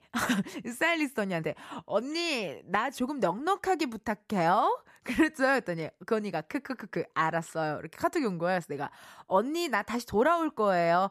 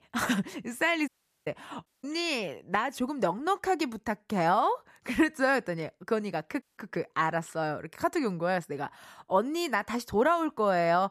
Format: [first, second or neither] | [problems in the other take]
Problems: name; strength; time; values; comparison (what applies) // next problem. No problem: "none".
first | audio cutting out; at 1 s, at 2 s and at 6.5 s